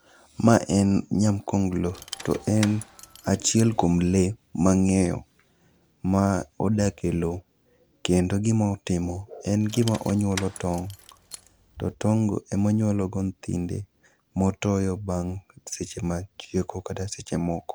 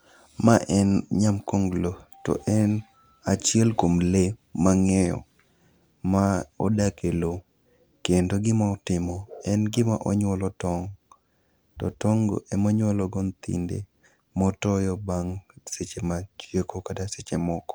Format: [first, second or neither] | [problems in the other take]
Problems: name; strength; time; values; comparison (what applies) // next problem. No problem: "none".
second | background sound (Rattle / Keys jangling); 17 dB below the speech